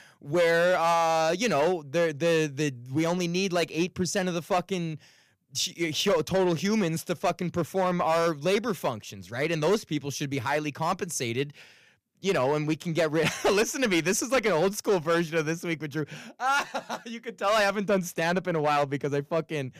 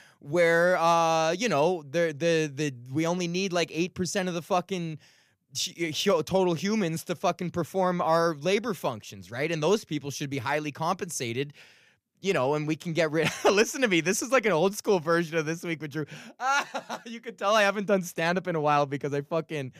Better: second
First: distortion; slight; 6% of the sound clipped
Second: none

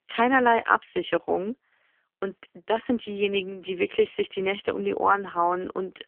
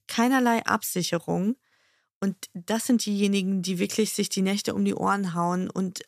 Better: second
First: phone-call audio; poor line; nothing above 3 kHz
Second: none

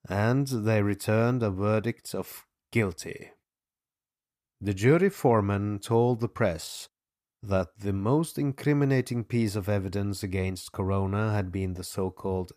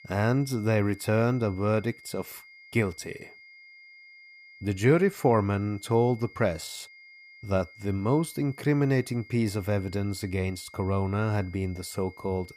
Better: first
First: none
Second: high-pitched whine; faint; throughout; 2 kHz, 20 dB below the speech

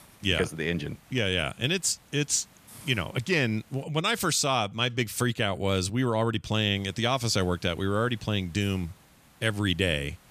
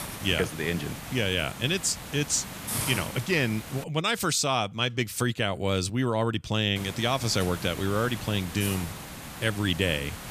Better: first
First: hiss; faint; until 4 s and from 7 s on; 25 dB below the speech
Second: hiss; loud; until 4 s and from 7 s on; 9 dB below the speech

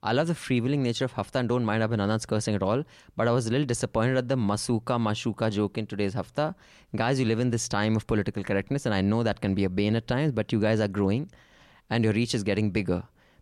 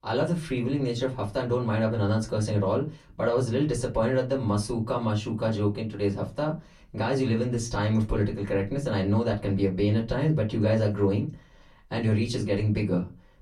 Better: first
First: none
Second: off-mic speech; far // room echo; very slight; dies away in 0.2 s

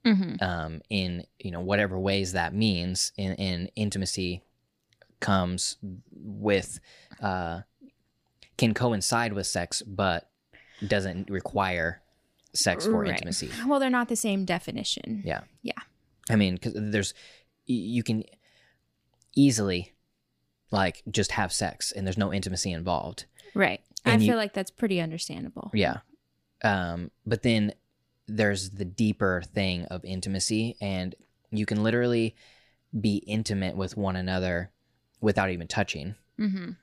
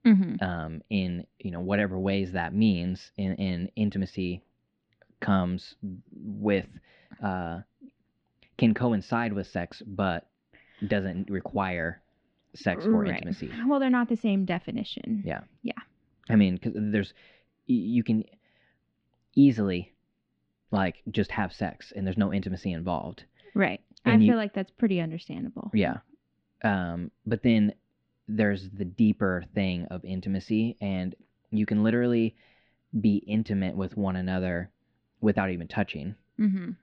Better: first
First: none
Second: muffled; very; fading above 3.5 kHz

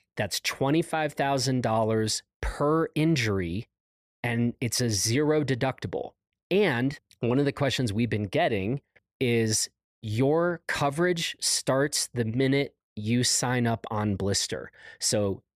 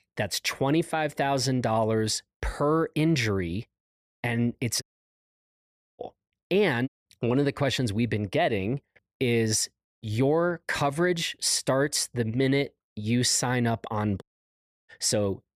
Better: first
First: none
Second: audio cutting out; at 5 s for 1 s, at 7 s and at 14 s for 0.5 s

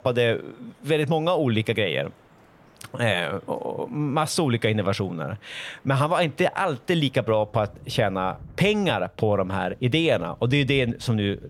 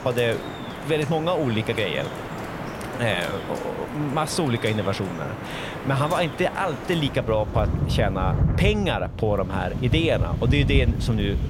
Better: first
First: rain or running water; faint; throughout; 25 dB below the speech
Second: rain or running water; loud; throughout; 4 dB below the speech

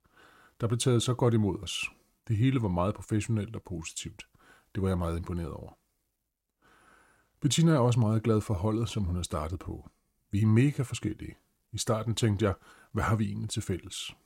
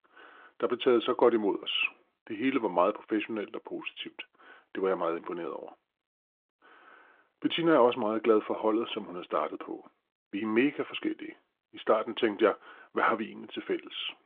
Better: first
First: none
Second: phone-call audio; nothing above 3.5 kHz

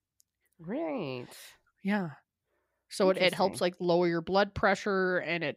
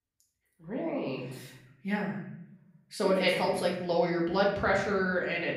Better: first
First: none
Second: room echo; noticeable; dies away in 0.7 s // off-mic speech; far

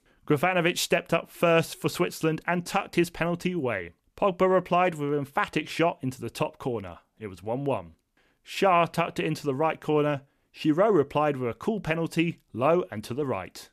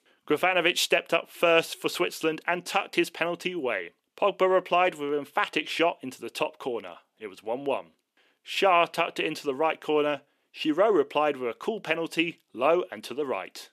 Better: first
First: none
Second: thin; somewhat; fading below 350 Hz

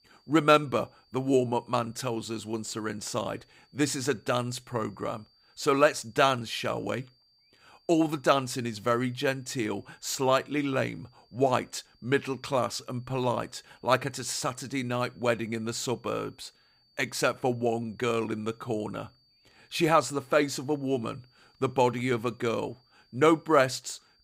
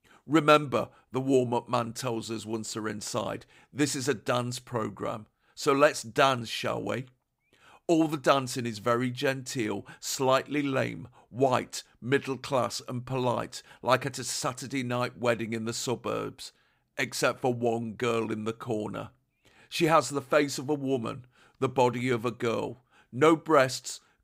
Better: second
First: high-pitched whine; faint; throughout; 4.5 kHz, 35 dB below the speech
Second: none

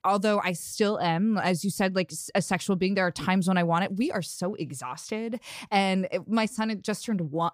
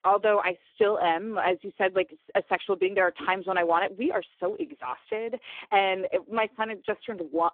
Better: first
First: none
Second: phone-call audio; poor line

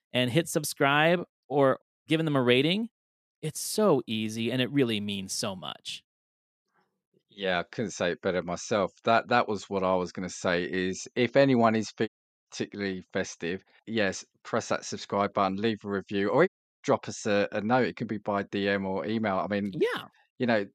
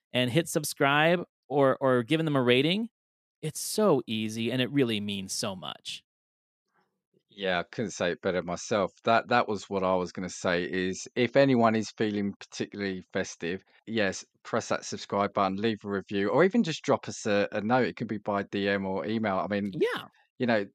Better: second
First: audio cutting out; at 2 s, at 12 s and at 16 s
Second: none

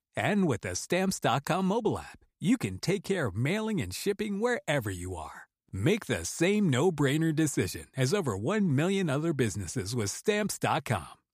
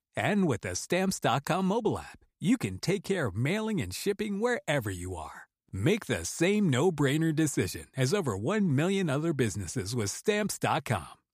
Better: neither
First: none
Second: none

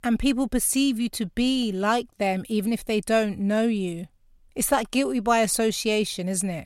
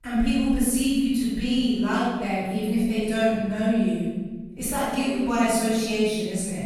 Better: first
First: none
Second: off-mic speech; far // room echo; strong; dies away in 1.6 s

